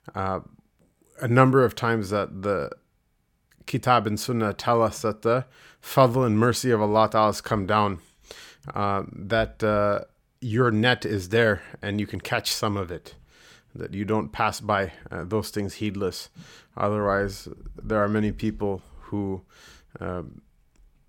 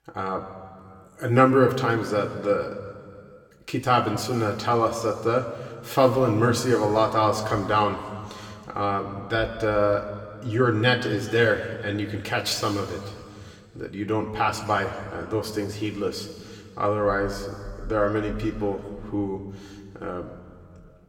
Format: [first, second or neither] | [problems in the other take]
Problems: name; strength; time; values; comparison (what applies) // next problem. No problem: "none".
first | room echo; slight; dies away in 2 s